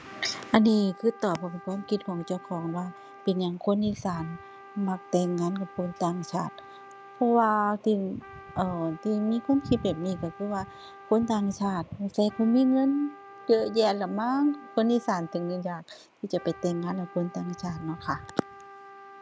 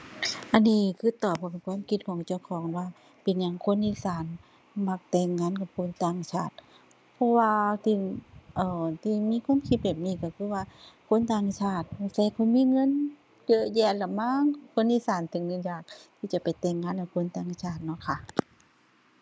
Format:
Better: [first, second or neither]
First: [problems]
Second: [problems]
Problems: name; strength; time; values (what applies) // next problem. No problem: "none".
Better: second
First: background sound (Trumpet); 20 dB below the speech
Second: none